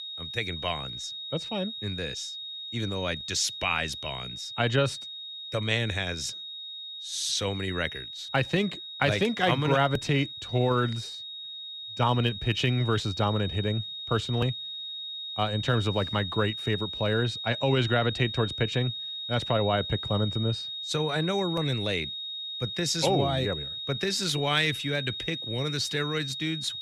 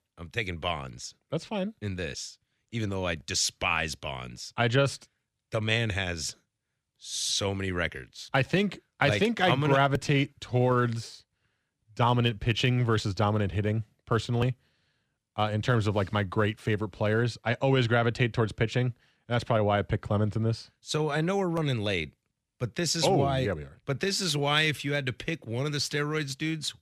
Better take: second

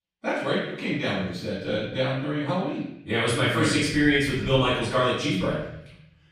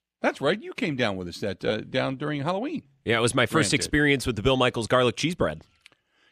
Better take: second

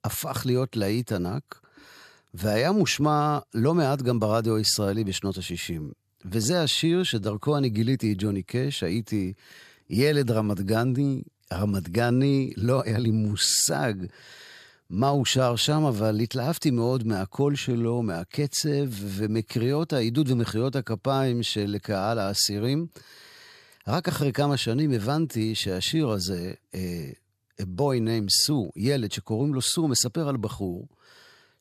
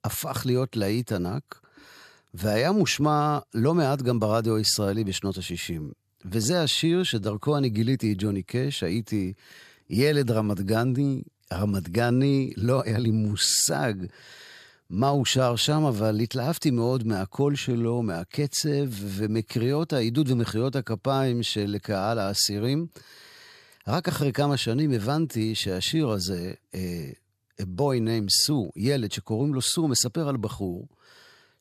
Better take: neither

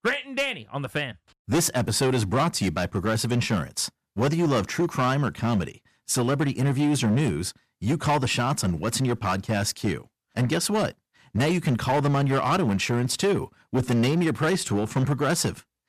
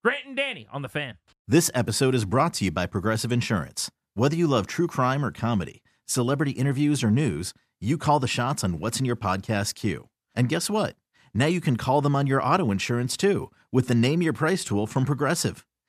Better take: second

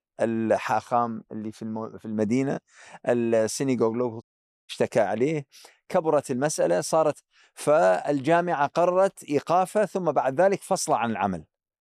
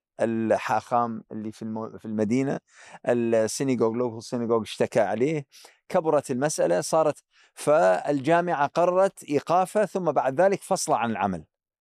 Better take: second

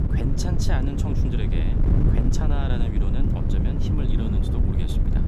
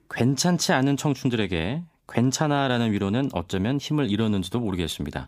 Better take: second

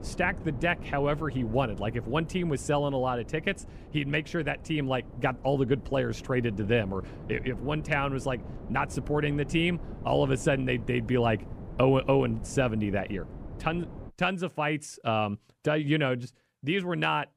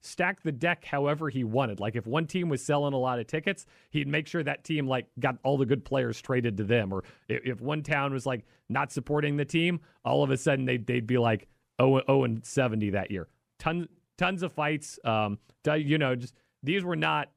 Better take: second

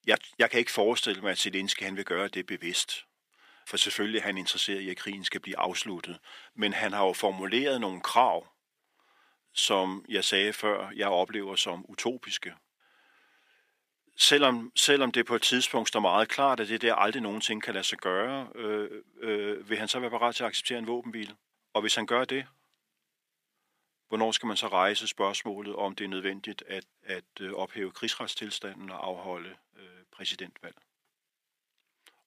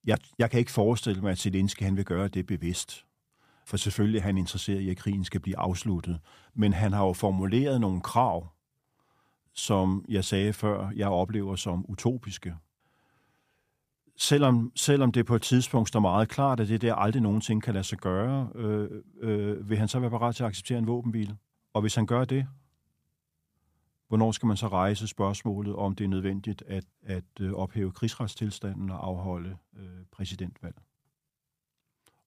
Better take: second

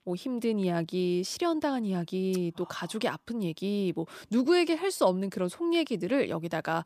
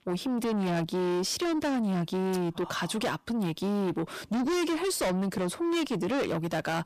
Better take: first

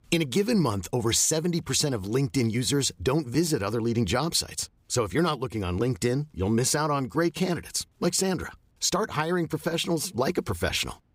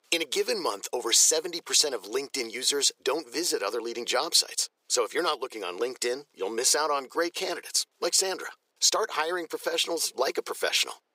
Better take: first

